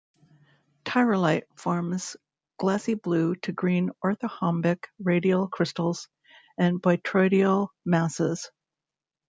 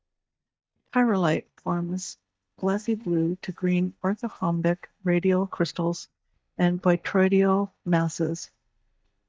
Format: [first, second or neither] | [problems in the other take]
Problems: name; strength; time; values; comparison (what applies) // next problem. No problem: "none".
first | noise reduction (neural mask model DeepFilterNet 3)